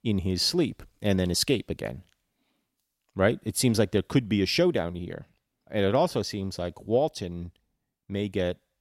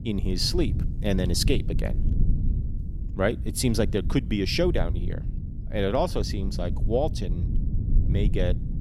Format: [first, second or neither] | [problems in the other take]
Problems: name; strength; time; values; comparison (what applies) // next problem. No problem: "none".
first | low rumble; noticeable; throughout; 15 dB below the speech